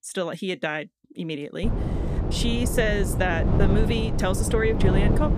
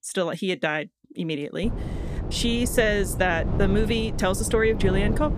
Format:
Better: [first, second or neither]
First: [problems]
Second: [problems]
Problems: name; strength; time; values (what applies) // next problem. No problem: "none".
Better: second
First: wind noise on the microphone; heavy; from 1.5 s on; 5 dB below the speech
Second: wind noise on the microphone; occasional gusts; from 1.5 s on; 10 dB below the speech